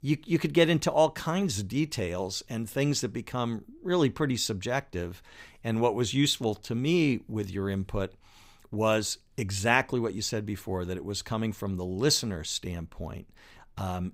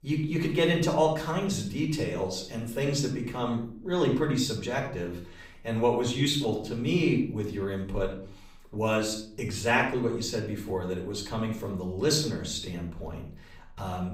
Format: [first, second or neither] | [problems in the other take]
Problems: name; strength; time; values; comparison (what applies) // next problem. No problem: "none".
first | off-mic speech; far // room echo; slight; dies away in 0.5 s